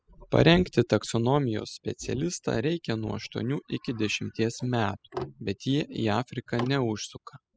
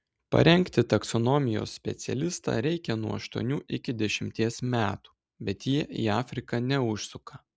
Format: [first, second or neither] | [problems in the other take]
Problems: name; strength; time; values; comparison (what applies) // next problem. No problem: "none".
second | noise reduction (classical method spectral subtraction)